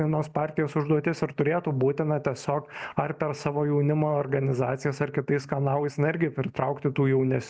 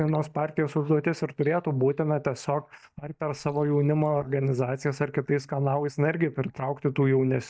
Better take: first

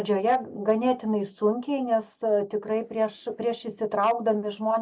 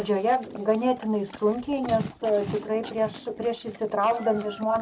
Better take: first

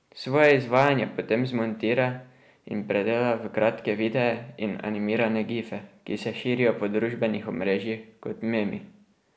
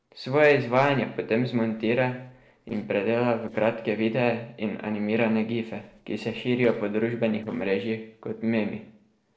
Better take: first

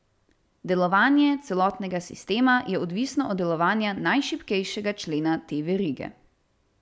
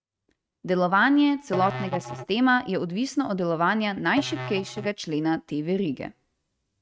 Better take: first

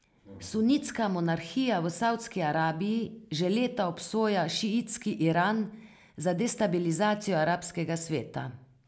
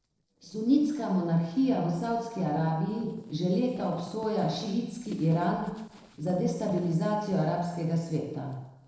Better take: first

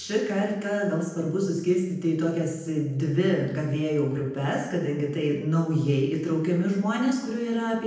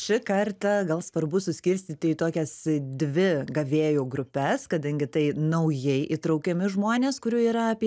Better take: second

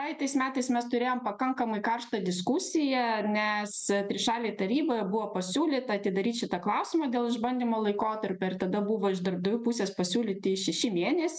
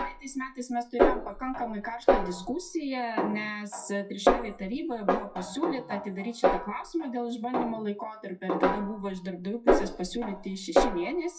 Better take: first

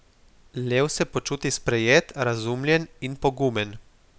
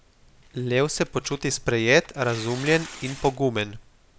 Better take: first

